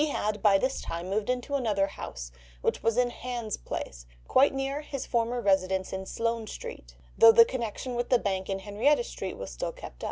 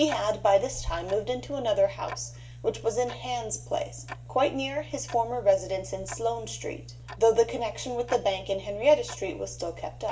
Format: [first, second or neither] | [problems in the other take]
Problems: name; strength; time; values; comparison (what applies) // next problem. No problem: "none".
first | background sound (Tick-tock); 15 dB below the speech // room echo; dies away in 0.5 s